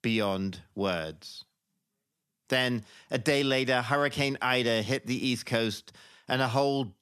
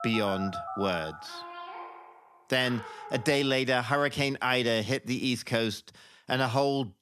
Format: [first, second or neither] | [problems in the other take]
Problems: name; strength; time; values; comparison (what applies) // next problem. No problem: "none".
first | phone ringing; noticeable; until 3.5 s; peak 8 dB below the speech